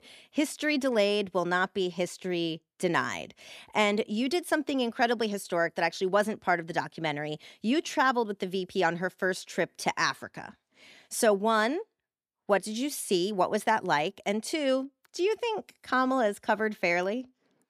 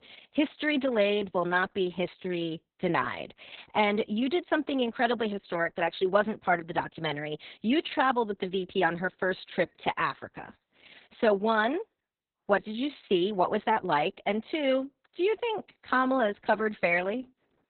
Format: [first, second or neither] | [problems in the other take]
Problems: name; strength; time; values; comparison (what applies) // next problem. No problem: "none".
first | garbled, watery; badly; nothing above 4 kHz